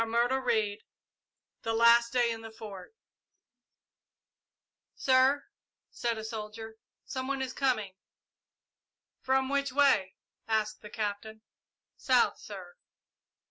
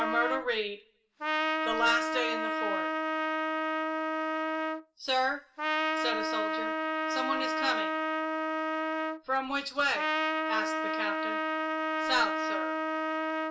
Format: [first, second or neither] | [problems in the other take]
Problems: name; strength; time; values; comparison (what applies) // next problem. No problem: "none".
first | background sound (Trumpet); 3 dB above the speech // room echo; dies away in 0.4 s